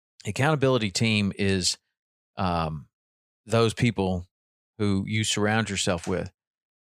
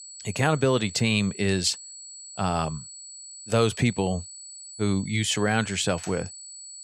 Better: first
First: none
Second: high-pitched whine; noticeable; throughout; 8 kHz, 15 dB below the speech

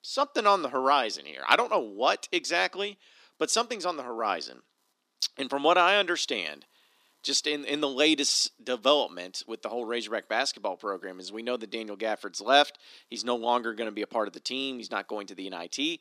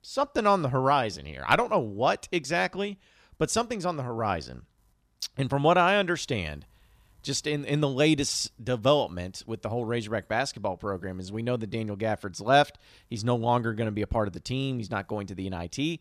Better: second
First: thin; somewhat; fading below 250 Hz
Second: none

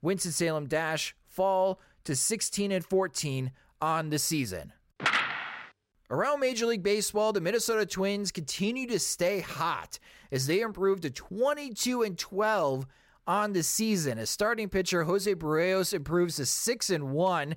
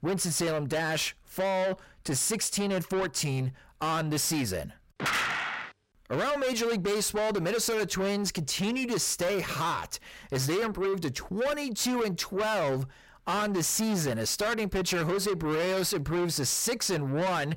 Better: first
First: none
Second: distortion; heavy; 7 dB below the speech

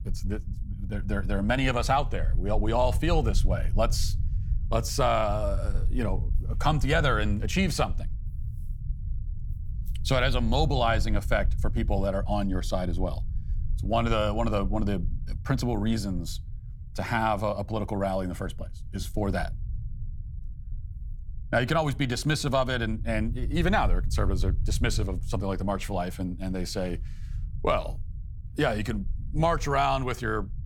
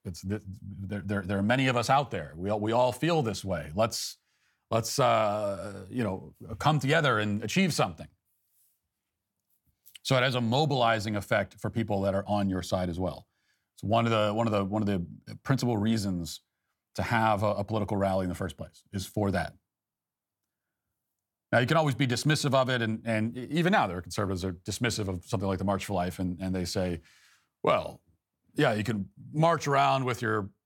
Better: second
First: low rumble; faint; throughout; 25 dB below the speech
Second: none

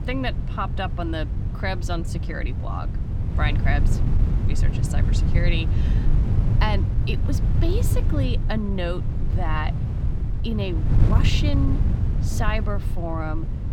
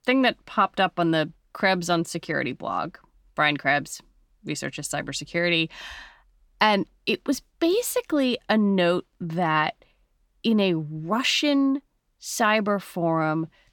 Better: second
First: wind noise on the microphone; heavy; 7 dB below the speech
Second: none

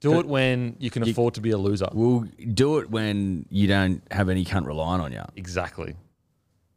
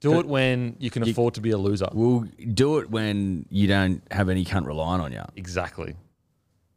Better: neither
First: none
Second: none

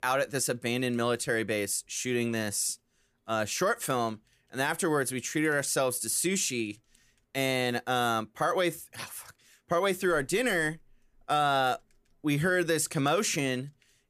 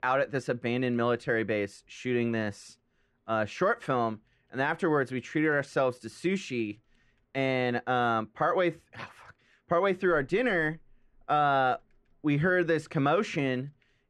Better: first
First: none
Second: muffled; very; fading above 2.5 kHz

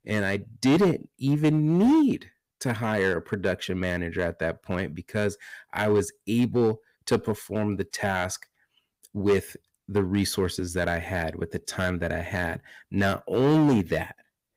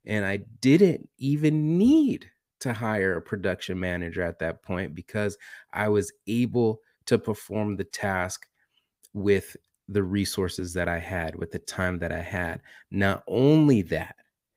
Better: second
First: distortion; slight; 4% of the sound clipped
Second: none

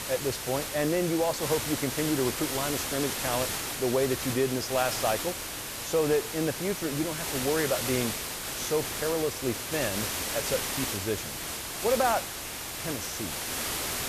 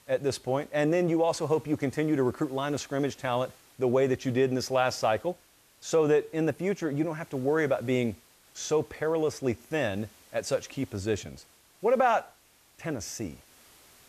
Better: second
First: hiss; loud; throughout; 1 dB below the speech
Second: hiss; faint; throughout; 30 dB below the speech

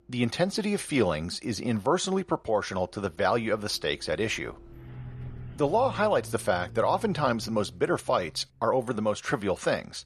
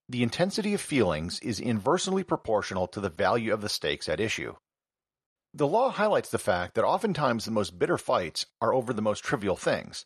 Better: second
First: traffic noise; noticeable; throughout; 15 dB below the speech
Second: none

